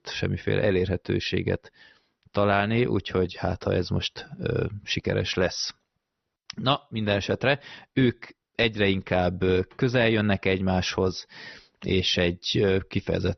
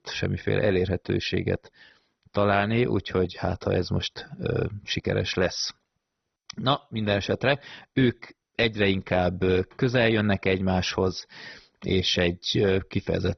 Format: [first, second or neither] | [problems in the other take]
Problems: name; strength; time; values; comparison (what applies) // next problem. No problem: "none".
first | garbled, watery; badly; nothing above 6 kHz; slightly in the first